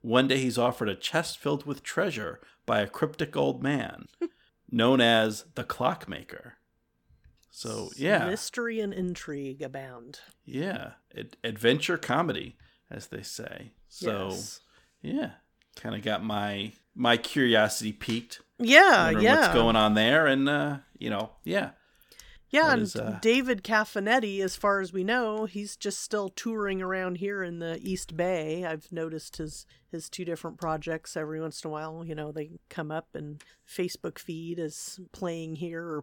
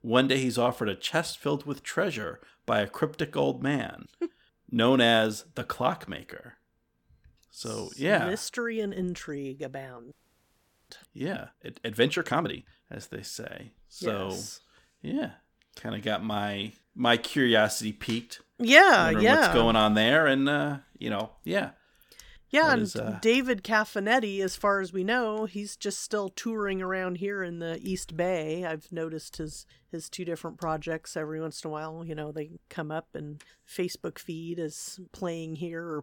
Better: first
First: none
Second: audio freezing; at 10 s for 1 s

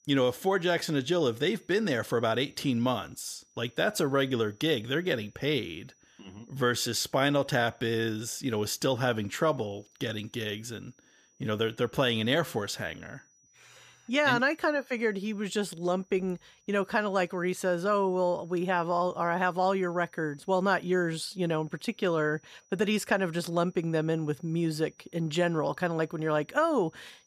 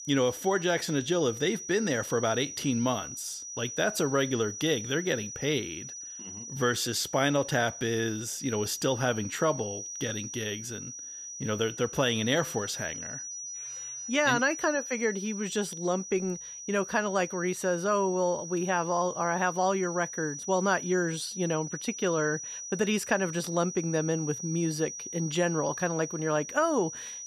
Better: first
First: high-pitched whine; faint; throughout; 6 kHz, 35 dB below the speech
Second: high-pitched whine; loud; throughout; 6 kHz, 8 dB below the speech

